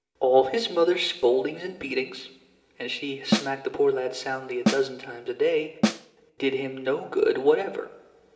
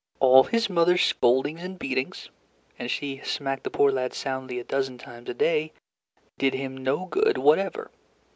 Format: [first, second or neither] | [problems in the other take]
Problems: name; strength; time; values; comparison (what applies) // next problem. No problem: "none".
second | background sound (Snare drum); as loud as the speech // room echo; dies away in 1.2 s